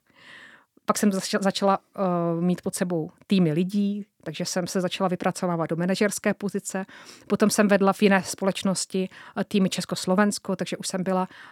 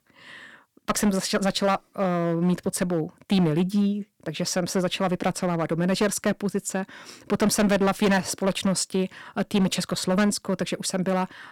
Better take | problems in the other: first | distortion; slight; 7% of the sound clipped

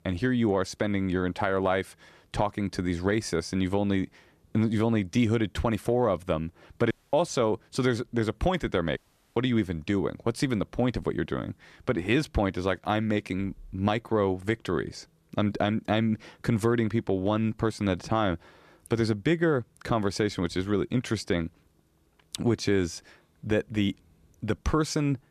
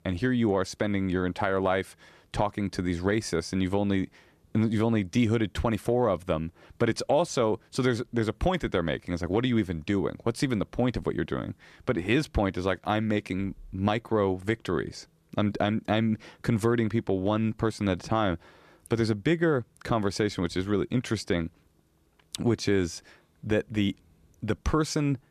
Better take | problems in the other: second | audio cutting out; at 7 s and at 9 s

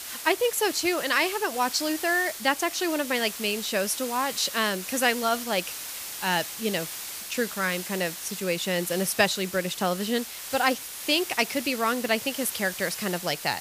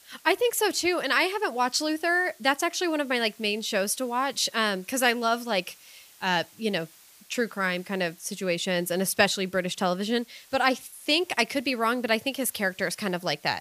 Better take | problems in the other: second | hiss; loud; throughout; 8 dB below the speech; faint in the second

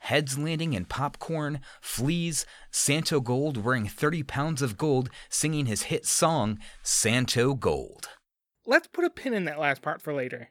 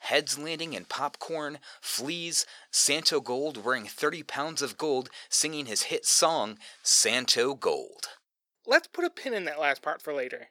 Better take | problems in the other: first | thin; somewhat; fading below 450 Hz

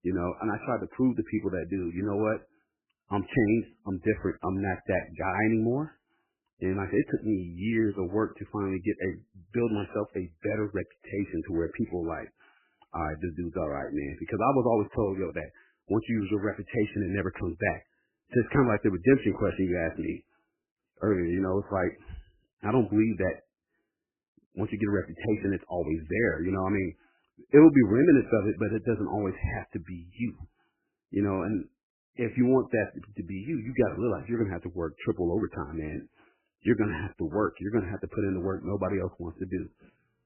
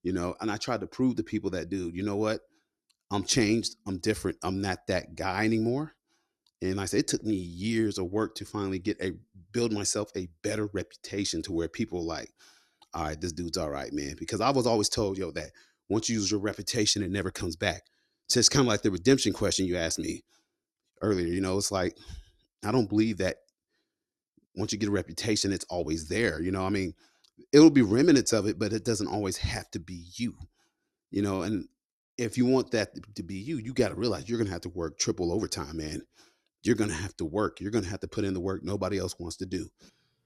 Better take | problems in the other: second | garbled, watery; badly; nothing above 2.5 kHz

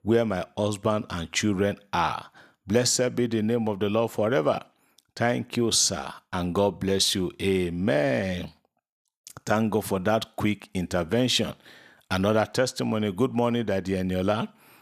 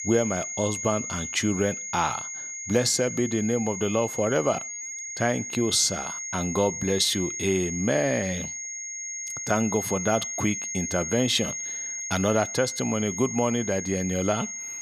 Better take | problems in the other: first | high-pitched whine; loud; throughout; 6.5 kHz, 5 dB below the speech

